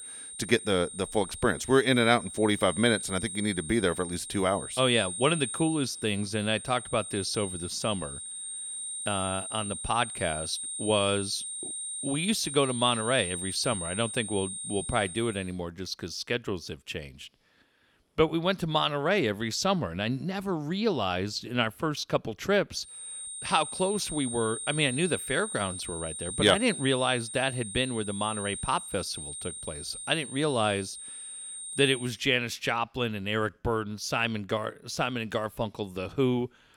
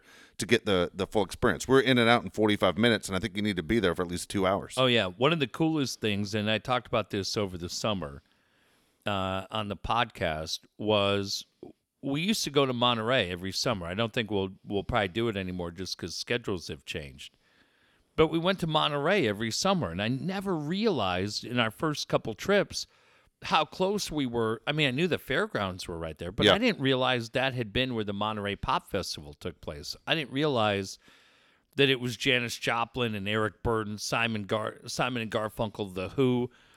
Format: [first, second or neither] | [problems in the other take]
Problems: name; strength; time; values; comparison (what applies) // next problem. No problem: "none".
second | high-pitched whine; loud; until 15 s and from 23 to 32 s; 8.5 kHz, 7 dB below the speech